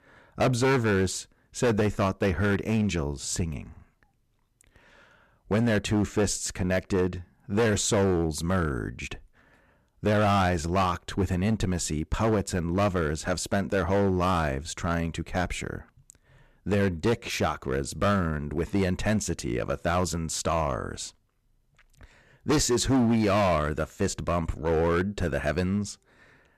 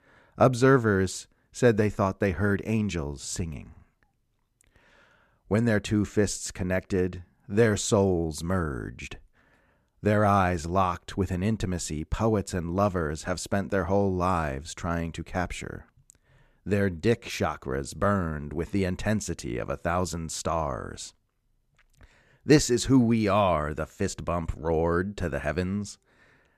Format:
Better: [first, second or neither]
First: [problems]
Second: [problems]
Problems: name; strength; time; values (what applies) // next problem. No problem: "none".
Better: second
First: distortion; heavy; 8% of the sound clipped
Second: none